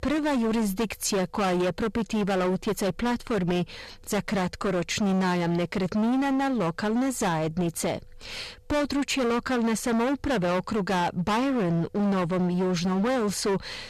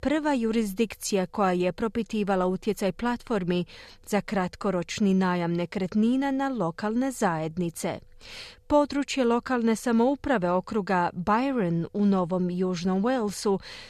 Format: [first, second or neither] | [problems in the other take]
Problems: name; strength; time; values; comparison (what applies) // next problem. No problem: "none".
second | distortion; heavy; 28% of the sound clipped